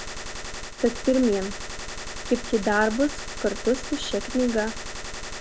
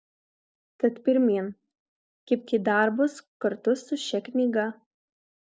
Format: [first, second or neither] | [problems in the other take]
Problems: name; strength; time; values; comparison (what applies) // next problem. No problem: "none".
second | background sound (Gunshot, gunfire); 7 dB below the speech